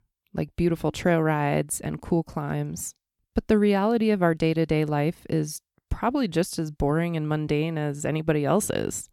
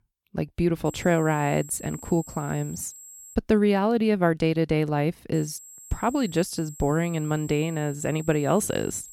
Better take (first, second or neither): first